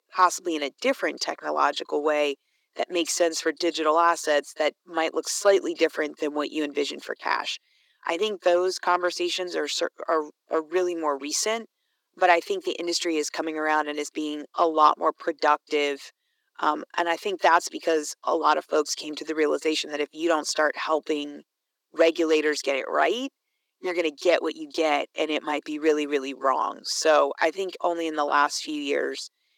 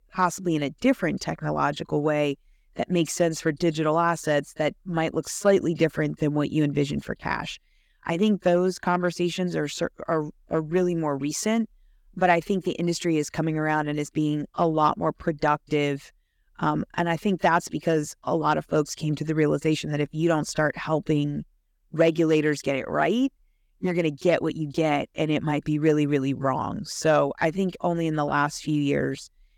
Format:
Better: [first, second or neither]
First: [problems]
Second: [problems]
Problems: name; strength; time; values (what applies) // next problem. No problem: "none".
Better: second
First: thin; somewhat; fading below 350 Hz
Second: none